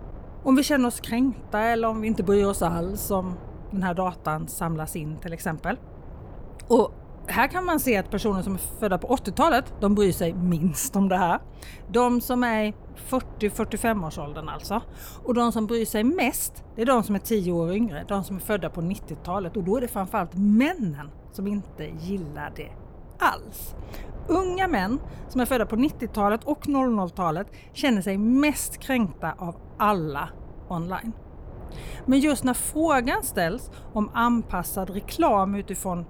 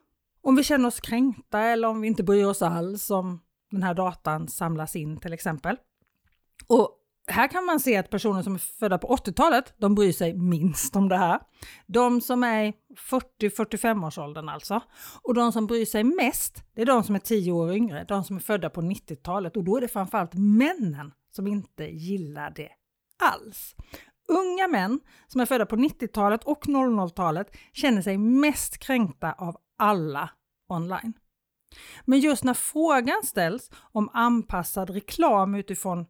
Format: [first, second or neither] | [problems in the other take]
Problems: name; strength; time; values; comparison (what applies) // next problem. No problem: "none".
second | wind noise on the microphone; occasional gusts; 25 dB below the speech